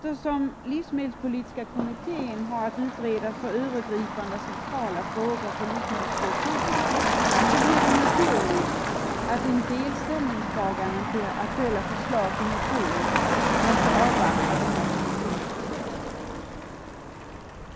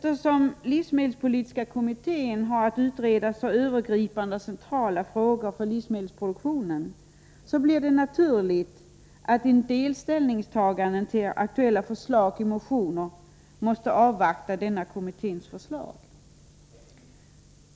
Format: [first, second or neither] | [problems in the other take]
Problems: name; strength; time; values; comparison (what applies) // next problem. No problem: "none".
second | background sound (Motor vehicle (road)); 3 dB above the speech